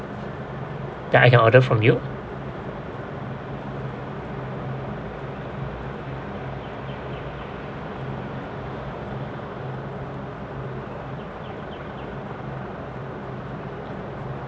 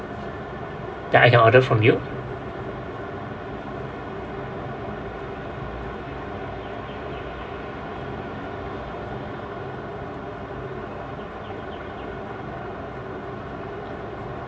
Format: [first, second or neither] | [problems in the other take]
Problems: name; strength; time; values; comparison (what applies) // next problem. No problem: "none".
first | room echo; dies away in 2.7 s